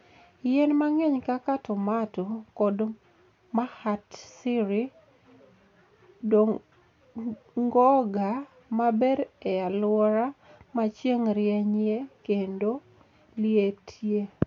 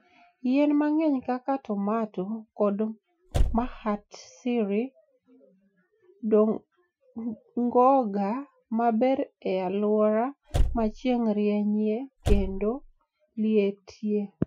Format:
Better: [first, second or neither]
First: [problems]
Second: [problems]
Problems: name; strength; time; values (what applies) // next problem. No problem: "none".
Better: first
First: none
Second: noise reduction (classical method Wiener filter)